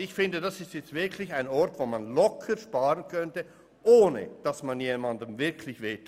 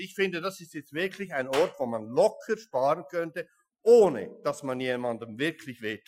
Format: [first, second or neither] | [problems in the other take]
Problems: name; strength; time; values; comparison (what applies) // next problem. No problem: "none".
first | noise reduction (classical method Wiener filter)